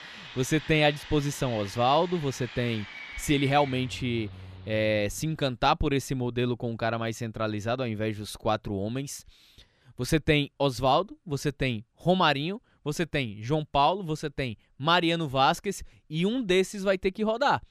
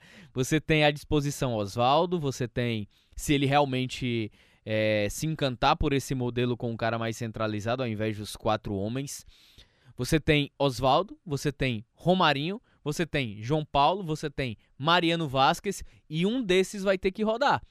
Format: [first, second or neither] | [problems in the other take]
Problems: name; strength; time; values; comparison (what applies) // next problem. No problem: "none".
second | machinery noise; noticeable; until 5 s; 15 dB below the speech